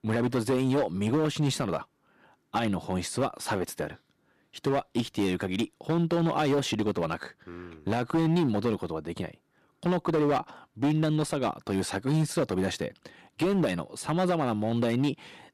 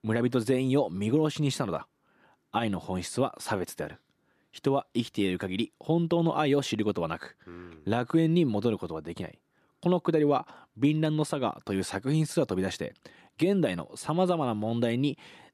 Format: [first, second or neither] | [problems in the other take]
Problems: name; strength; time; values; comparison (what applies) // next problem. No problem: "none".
second | distortion; slight; 10% of the sound clipped